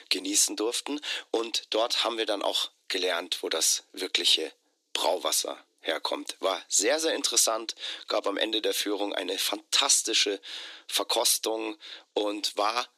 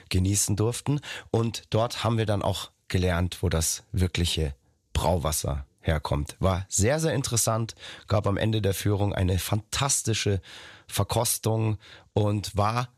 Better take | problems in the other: second | thin; very; fading below 300 Hz

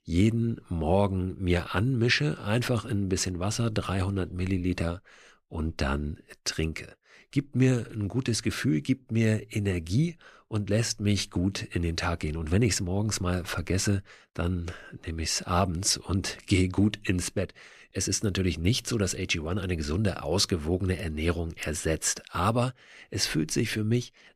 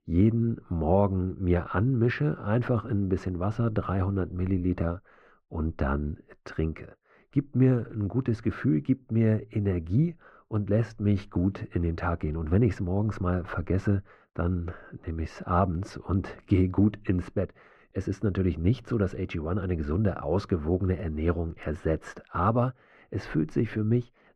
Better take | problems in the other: first | muffled; very; fading above 3 kHz

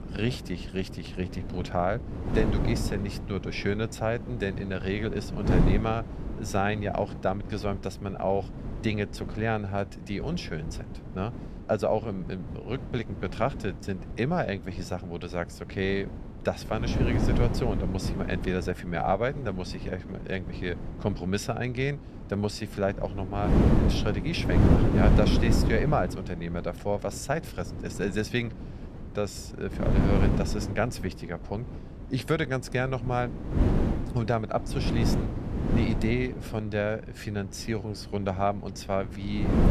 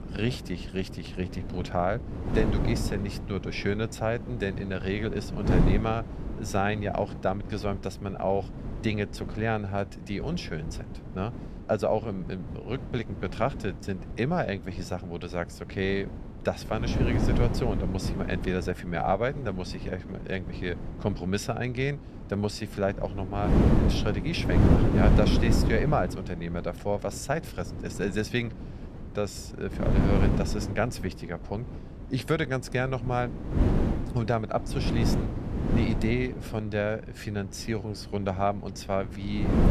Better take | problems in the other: neither | wind noise on the microphone; heavy; 5 dB below the speech; the same in both

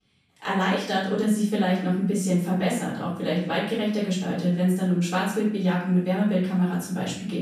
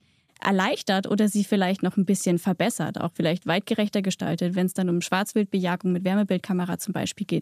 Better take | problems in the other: second | off-mic speech; far // room echo; noticeable; dies away in 0.6 s

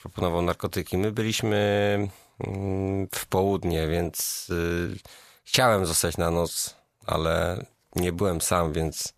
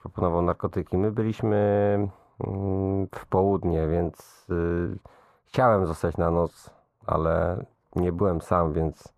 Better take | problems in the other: first | muffled; very; fading above 2 kHz

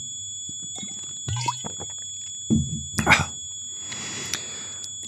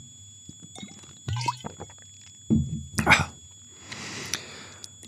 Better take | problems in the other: second | high-pitched whine; loud; throughout; 7 kHz, 7 dB below the speech; faint in the second

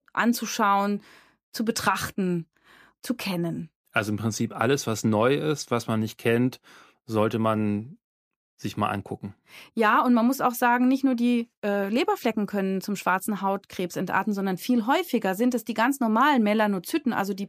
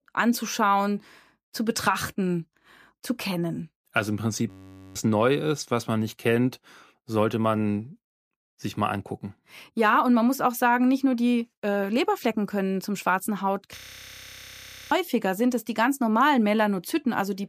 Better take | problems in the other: first | audio freezing; at 4.5 s and at 14 s for 1 s

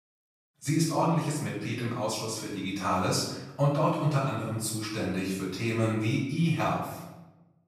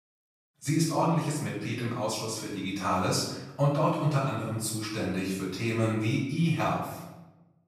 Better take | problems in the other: neither | room echo; noticeable; dies away in 0.9 s; the same in both // off-mic speech; far; the same in both

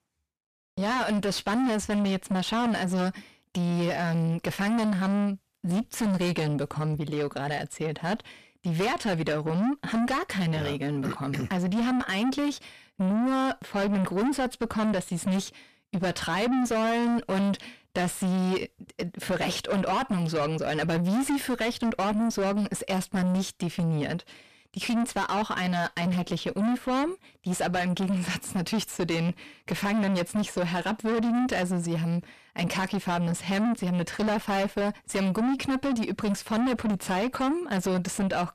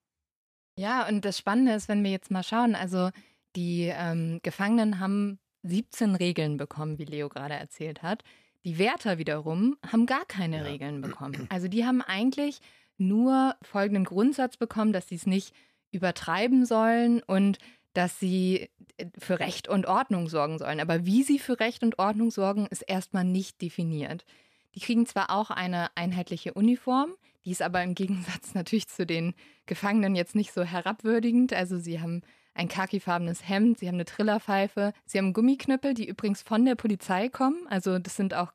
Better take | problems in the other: second | distortion; heavy; 5 dB below the speech

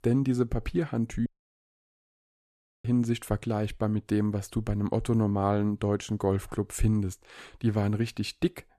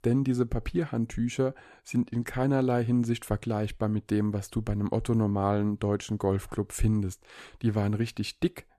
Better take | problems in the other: second | audio cutting out; at 1.5 s for 1.5 s

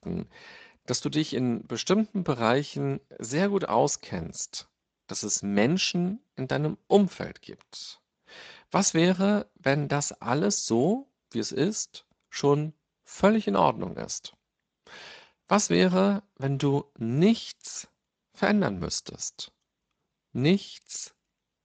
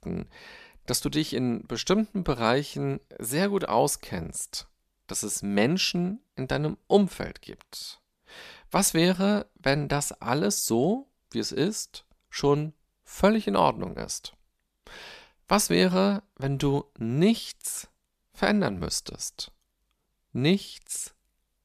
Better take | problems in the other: second | garbled, watery; slightly; nothing above 7.5 kHz

